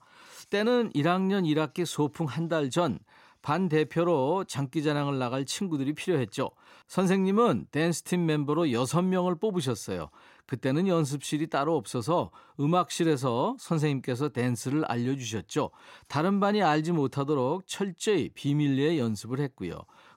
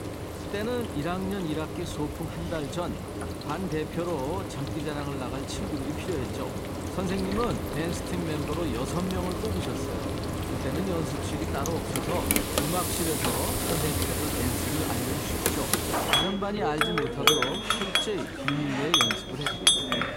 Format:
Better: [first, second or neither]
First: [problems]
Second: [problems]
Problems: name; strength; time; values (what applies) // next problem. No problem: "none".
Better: first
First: none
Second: household noises; very loud; throughout; 4 dB above the speech